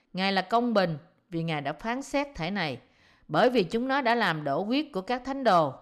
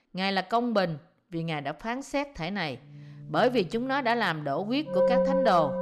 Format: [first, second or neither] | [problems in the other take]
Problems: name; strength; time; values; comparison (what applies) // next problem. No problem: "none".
first | background music; very loud; from 3 s on; 3 dB above the speech